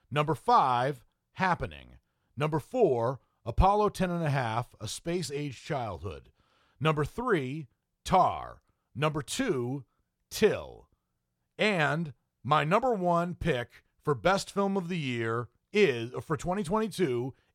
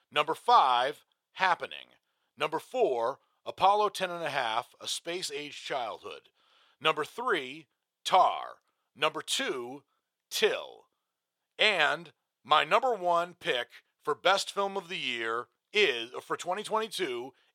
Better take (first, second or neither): first